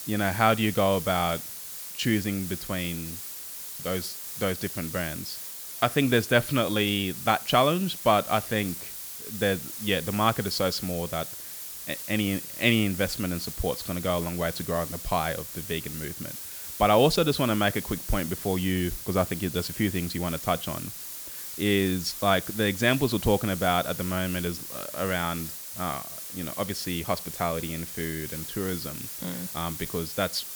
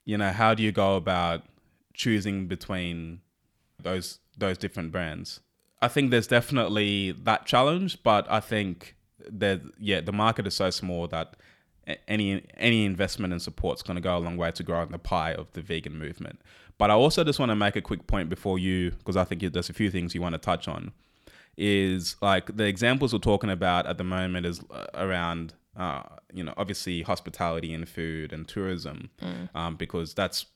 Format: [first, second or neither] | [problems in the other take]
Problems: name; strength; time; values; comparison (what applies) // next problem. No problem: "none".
second | hiss; loud; throughout; 8 dB below the speech